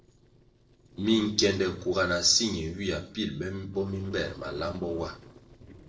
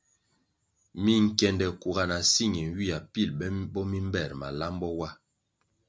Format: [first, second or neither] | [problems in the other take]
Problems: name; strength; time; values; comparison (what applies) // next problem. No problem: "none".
second | noise reduction (neural separator model SepFormer DNS4)